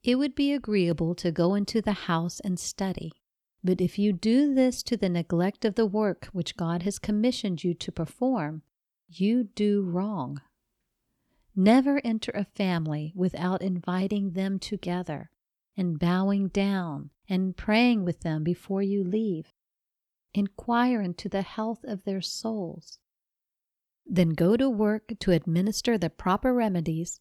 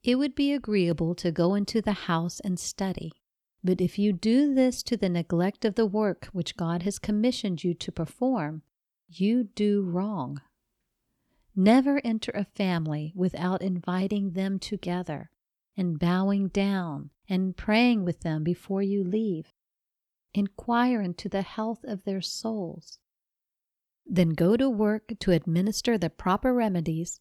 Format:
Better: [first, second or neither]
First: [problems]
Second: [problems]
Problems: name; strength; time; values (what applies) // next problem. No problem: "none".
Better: neither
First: none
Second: none